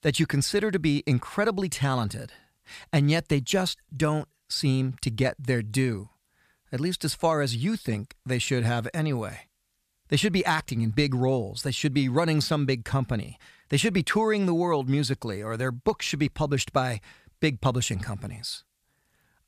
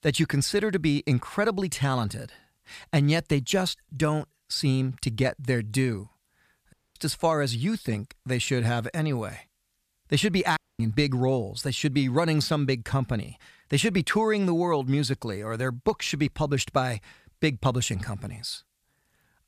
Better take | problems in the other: first | audio cutting out; at 6.5 s and at 11 s

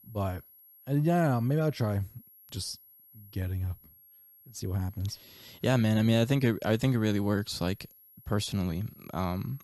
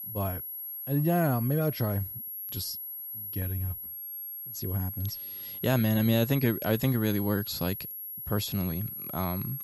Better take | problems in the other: first | high-pitched whine; loud; throughout; 11.5 kHz, 6 dB below the speech; faint in the first

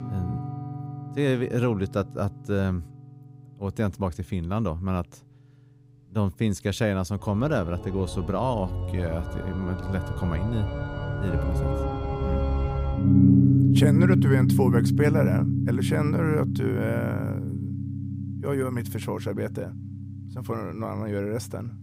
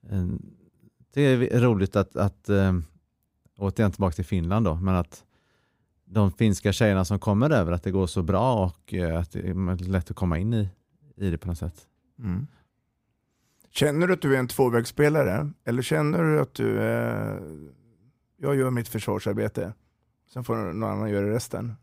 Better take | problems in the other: second | background music; very loud; throughout; 3 dB above the speech

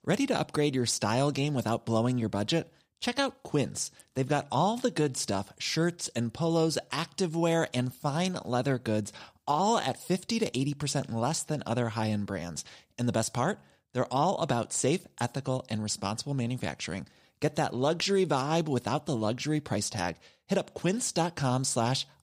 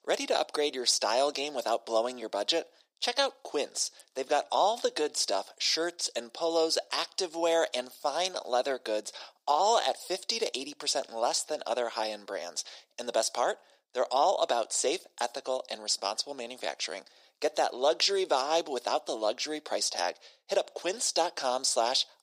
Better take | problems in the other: first | thin; very; fading below 350 Hz

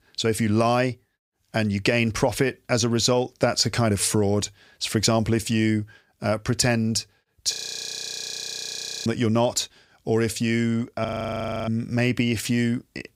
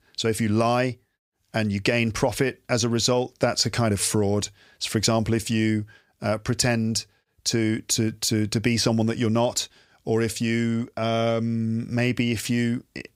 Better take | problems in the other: second | audio freezing; at 7.5 s for 1.5 s and at 11 s for 0.5 s

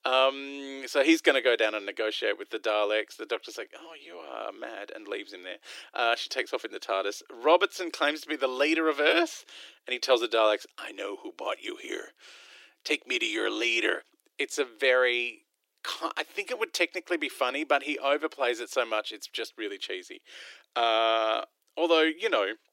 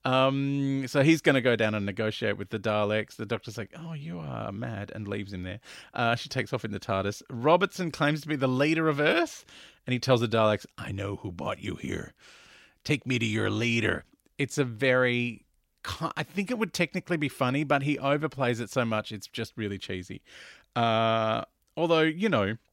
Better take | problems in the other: second | thin; very; fading below 300 Hz

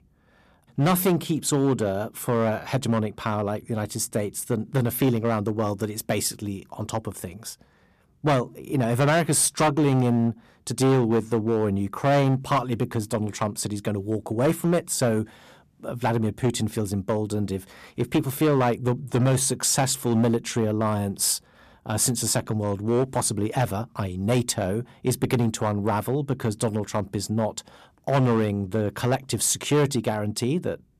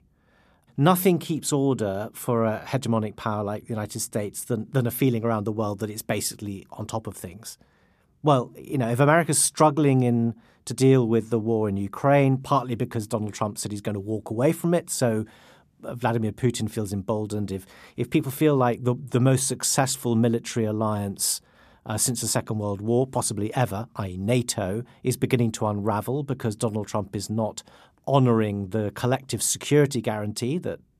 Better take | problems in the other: second | distortion; slight; 6% of the sound clipped

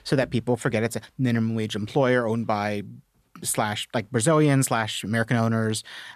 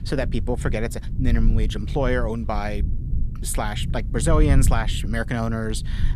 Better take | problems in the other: first | low rumble; noticeable; throughout; 15 dB below the speech

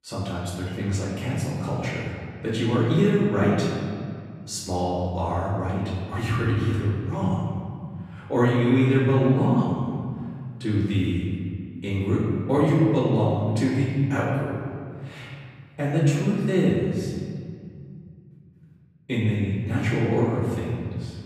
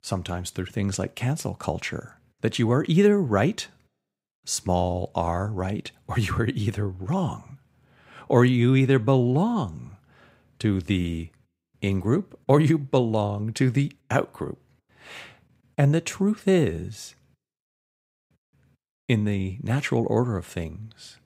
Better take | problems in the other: second | off-mic speech; far // room echo; strong; dies away in 2.2 s

